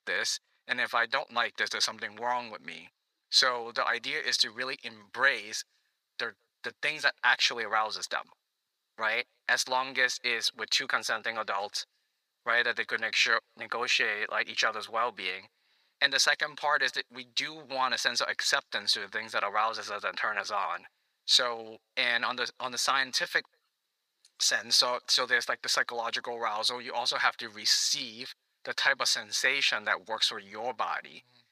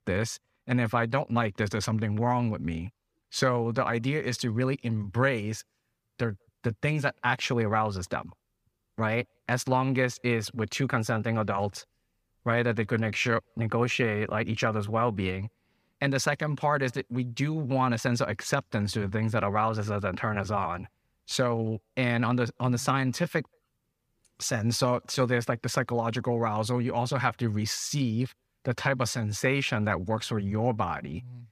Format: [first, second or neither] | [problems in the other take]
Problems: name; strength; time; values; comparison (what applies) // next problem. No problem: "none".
second | thin; very; fading below 700 Hz